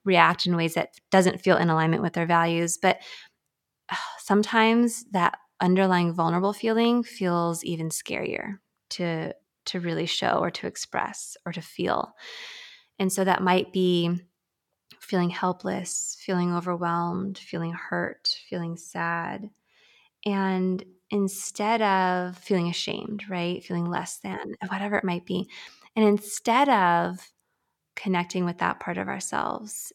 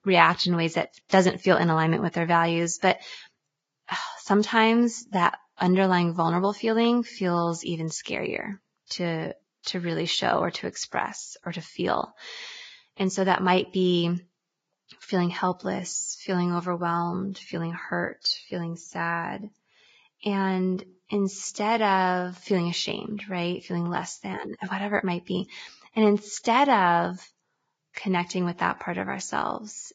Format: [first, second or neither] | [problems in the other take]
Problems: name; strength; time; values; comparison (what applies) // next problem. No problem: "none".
first | garbled, watery; badly; nothing above 7.5 kHz